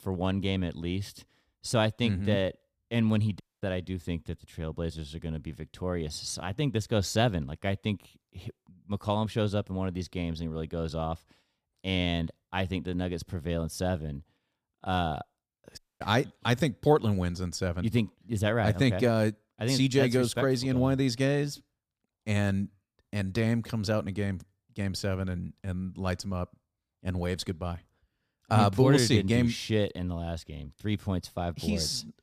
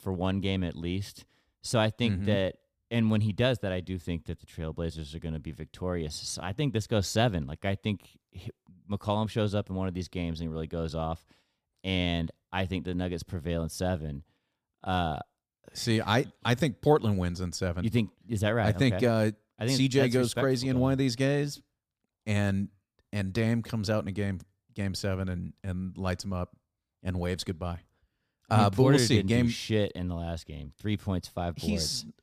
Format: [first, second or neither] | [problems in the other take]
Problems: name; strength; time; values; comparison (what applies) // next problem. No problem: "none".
second | audio cutting out; at 3.5 s and at 16 s